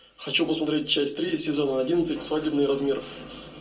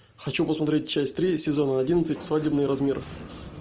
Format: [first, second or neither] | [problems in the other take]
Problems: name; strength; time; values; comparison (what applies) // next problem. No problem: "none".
second | room echo; dies away in 0.2 s